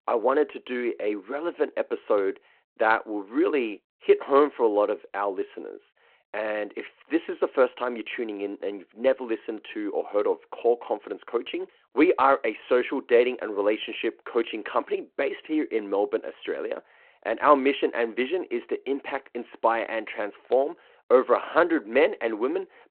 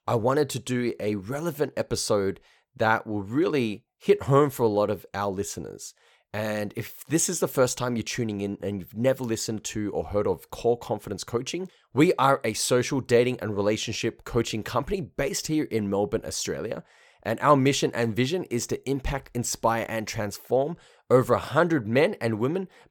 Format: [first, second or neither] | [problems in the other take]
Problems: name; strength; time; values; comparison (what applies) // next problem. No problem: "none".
second | phone-call audio